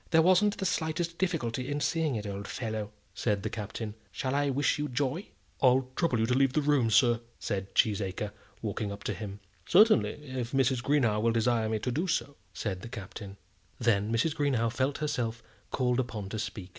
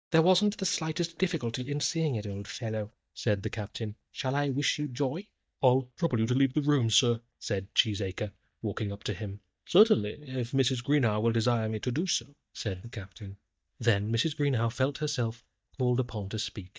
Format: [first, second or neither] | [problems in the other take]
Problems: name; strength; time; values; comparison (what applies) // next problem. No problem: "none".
first | noise reduction (neural mask model DeepFilterNet 3)